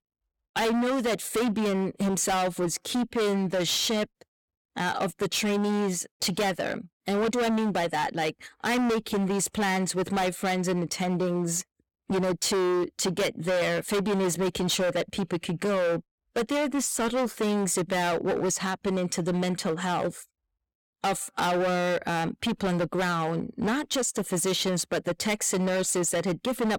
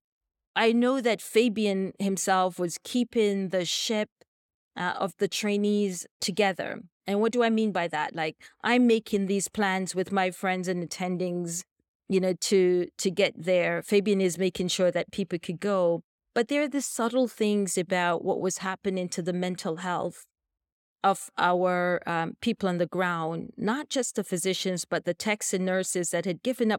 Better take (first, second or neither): second